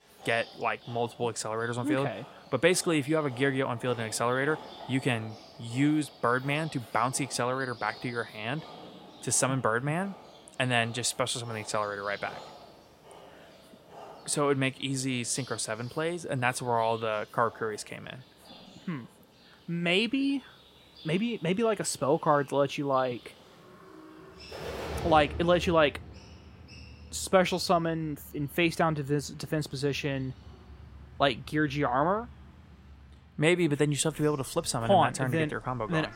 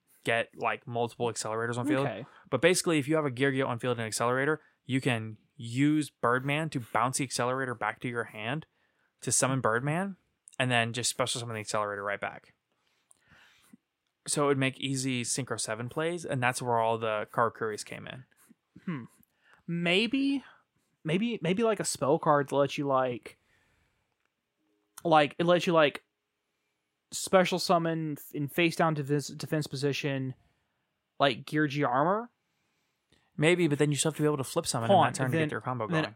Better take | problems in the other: second | animal sounds; noticeable; throughout; 20 dB below the speech

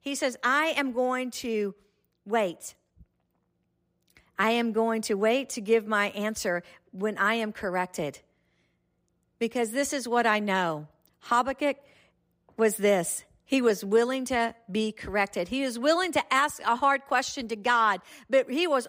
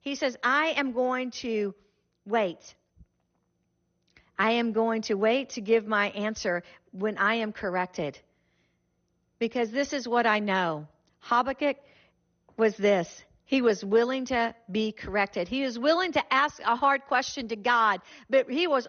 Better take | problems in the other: first | garbled, watery; slightly; nothing above 6.5 kHz

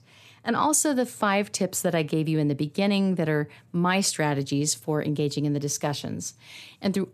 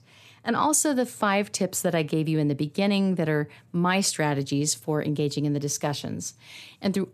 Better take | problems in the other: neither | none

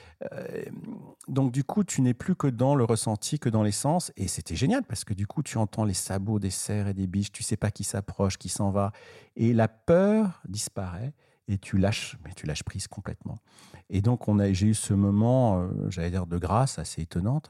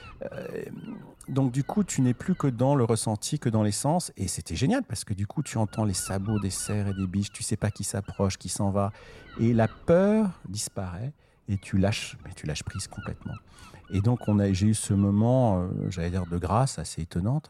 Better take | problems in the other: first | wind noise on the microphone; occasional gusts; 20 dB below the speech

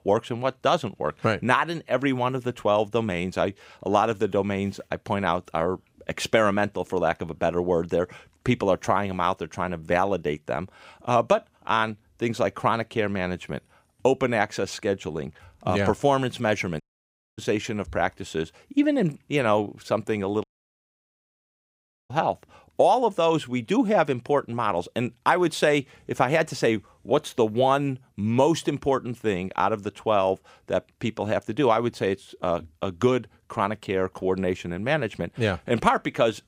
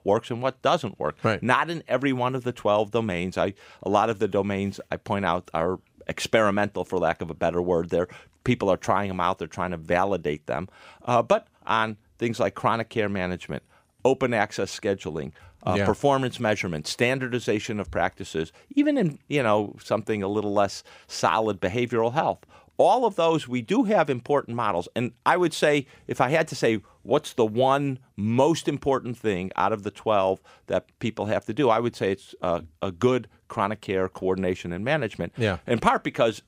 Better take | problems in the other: second | audio cutting out; at 17 s for 0.5 s and at 20 s for 1.5 s

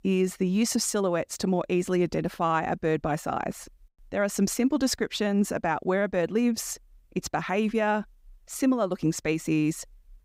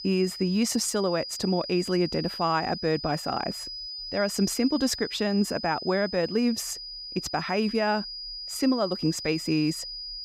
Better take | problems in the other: first | high-pitched whine; loud; throughout; 5 kHz, 8 dB below the speech

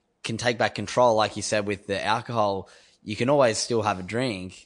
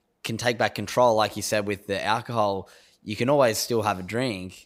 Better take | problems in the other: second | garbled, watery; slightly; nothing above 9 kHz

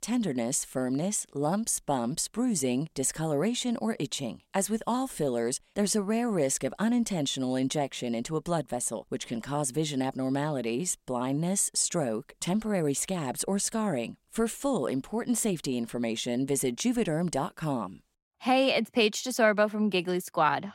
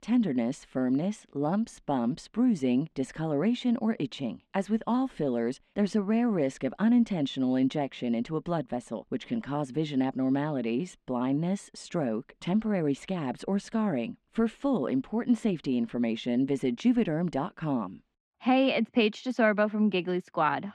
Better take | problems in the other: first | muffled; slightly; fading above 2.5 kHz

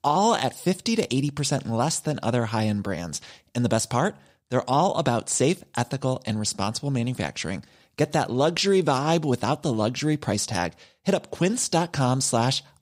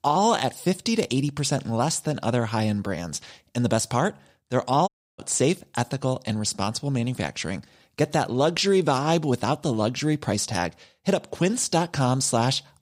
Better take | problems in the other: first | audio cutting out; at 5 s

